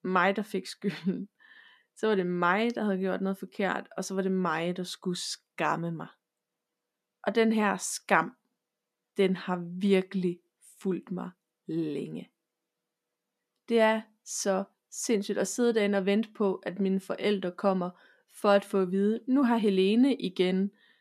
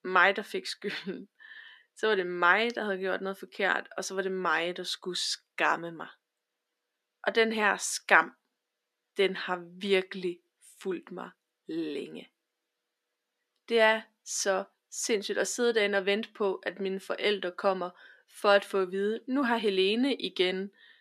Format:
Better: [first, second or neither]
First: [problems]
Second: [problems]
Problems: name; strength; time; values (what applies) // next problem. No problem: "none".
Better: first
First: none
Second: thin; somewhat; fading below 350 Hz